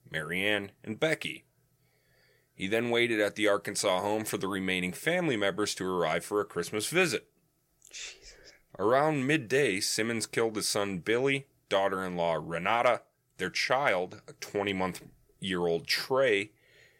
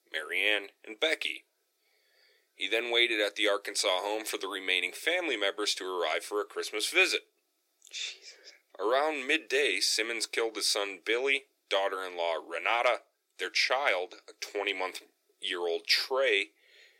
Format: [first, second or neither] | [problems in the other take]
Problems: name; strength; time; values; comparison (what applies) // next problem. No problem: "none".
first | thin; somewhat; fading below 350 Hz